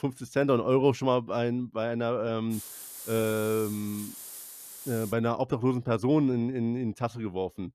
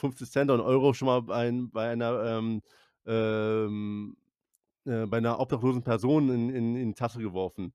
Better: second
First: hiss; noticeable; from 2.5 to 5 s; 10 dB below the speech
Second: none

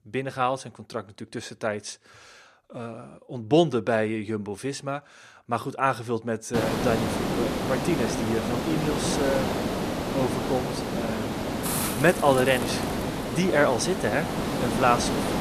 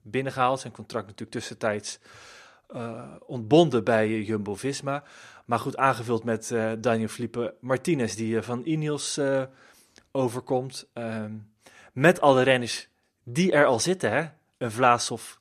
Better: second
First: hiss; loud; from 6.5 s on; 1 dB below the speech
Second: none

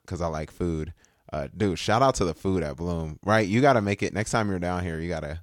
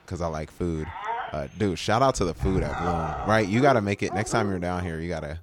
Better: first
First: none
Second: animal sounds; loud; throughout; 7 dB below the speech

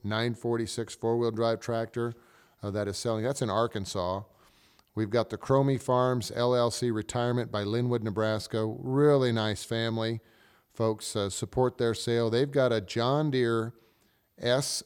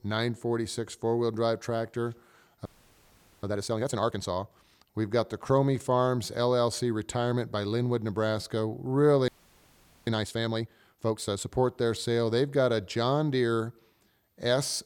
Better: first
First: none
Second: audio freezing; at 2.5 s for 1 s and at 9.5 s for 1 s

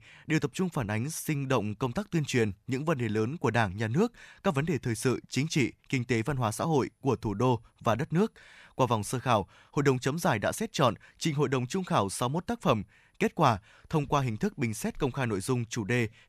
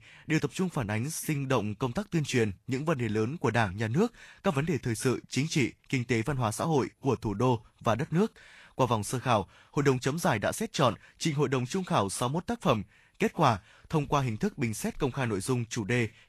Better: first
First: none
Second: garbled, watery; slightly; nothing above 12.5 kHz

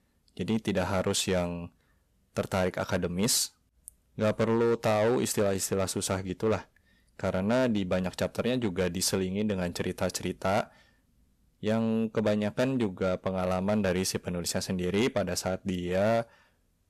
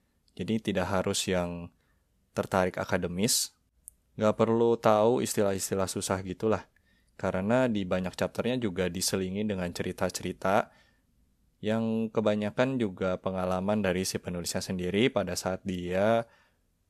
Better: second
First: distortion; slight; 6% of the sound clipped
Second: none

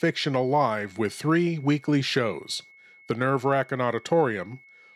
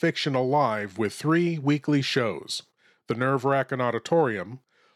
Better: second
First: high-pitched whine; faint; throughout; 2 kHz, 25 dB below the speech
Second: none

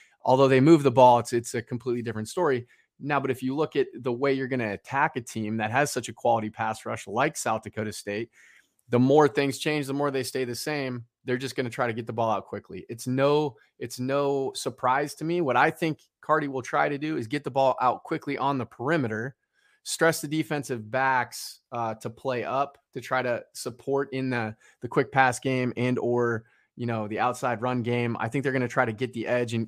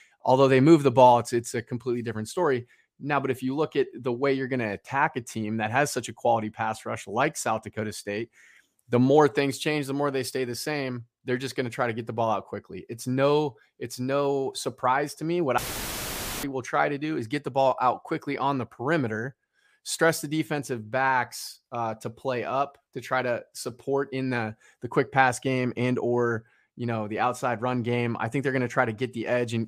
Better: first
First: none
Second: audio cutting out; filled with static; at 16 s for 1 s

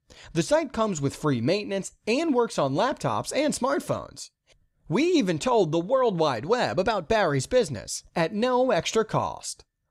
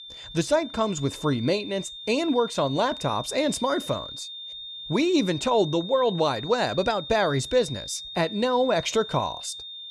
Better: first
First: none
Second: high-pitched whine; noticeable; throughout; 3.5 kHz, 10 dB below the speech

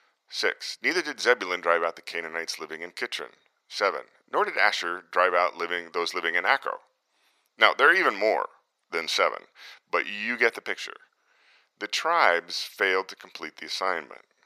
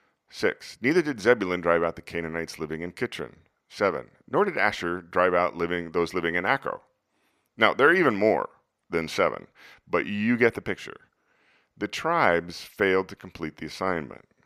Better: second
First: thin; very; fading below 600 Hz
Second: none

